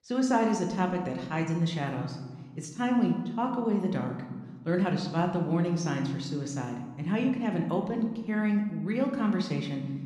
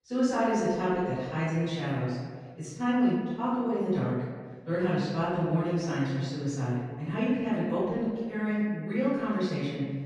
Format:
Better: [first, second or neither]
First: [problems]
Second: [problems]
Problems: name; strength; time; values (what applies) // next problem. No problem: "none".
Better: first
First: room echo; slight; dies away in 1.1 s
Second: room echo; strong; dies away in 1.6 s // off-mic speech; far